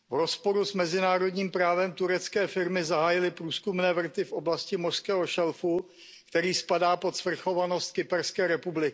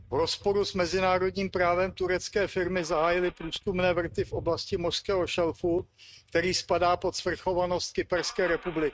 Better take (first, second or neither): first